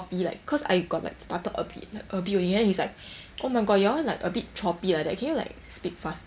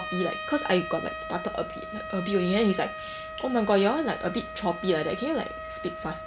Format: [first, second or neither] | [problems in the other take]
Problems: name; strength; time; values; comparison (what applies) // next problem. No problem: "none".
first | background sound (Trumpet); 9 dB below the speech